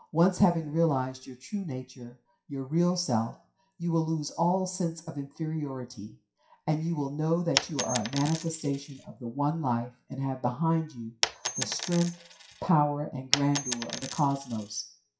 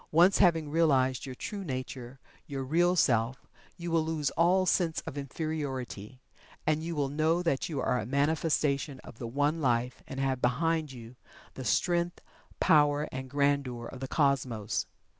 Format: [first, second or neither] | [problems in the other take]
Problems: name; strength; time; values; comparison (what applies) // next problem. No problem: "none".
second | noise reduction (classical method WPE with log-MMSE)